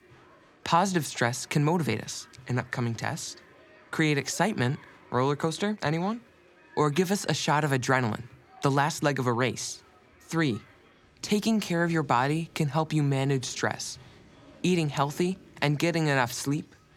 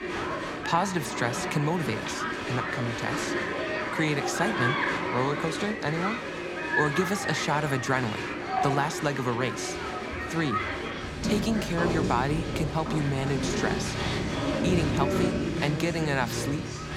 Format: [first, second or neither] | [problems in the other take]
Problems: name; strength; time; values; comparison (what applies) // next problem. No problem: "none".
first | crowd noise; loud; throughout; 1 dB below the speech; faint in the first